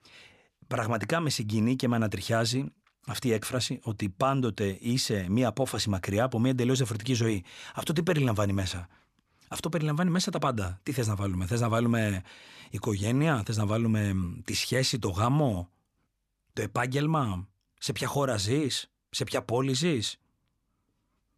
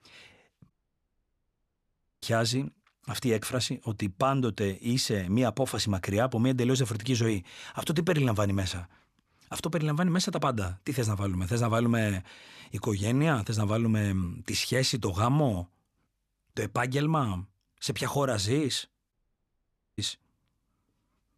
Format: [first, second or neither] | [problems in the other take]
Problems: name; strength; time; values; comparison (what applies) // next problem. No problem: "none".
first | audio cutting out; at 0.5 s for 1.5 s and at 19 s for 1 s